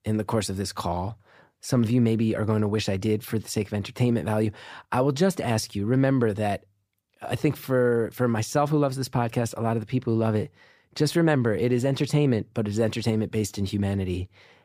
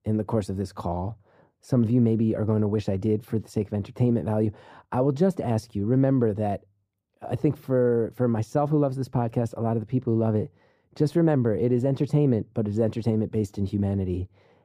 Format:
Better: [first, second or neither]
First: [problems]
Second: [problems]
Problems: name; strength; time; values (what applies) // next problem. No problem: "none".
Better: first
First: none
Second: muffled; slightly; fading above 1 kHz